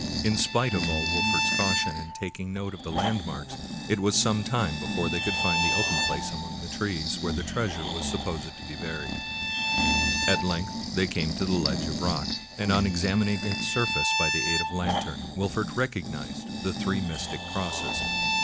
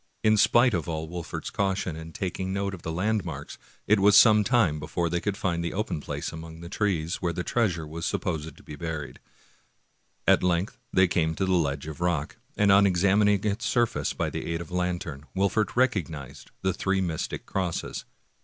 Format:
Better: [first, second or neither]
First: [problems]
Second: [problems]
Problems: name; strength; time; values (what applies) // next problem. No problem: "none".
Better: second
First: background sound (Breathing + Bowed string instrument); 1 dB above the speech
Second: none